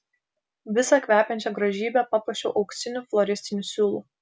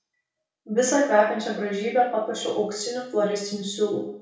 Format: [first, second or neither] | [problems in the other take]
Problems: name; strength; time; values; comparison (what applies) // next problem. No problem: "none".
first | room echo; dies away in 0.5 s